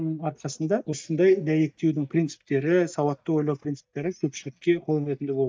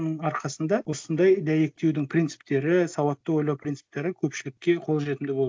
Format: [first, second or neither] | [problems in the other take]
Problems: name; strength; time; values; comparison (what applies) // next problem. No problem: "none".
second | noise reduction (neural mask model DeepFilterNet 3)